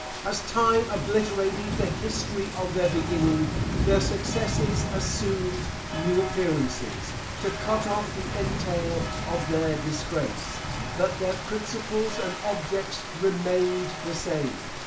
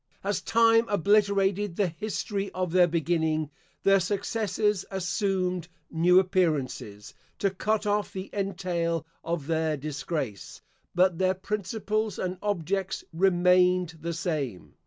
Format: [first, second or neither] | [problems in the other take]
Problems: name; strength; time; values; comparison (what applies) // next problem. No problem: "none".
second | background sound (Rain); 3 dB below the speech // room echo; dies away in 0.4 s